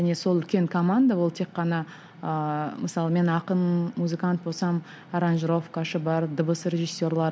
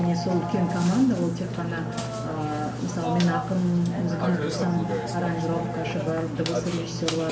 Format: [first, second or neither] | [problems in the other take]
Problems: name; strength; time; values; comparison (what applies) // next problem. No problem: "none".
first | background sound (Burping, eructation); 4 dB below the speech // room echo; dies away in 0.9 s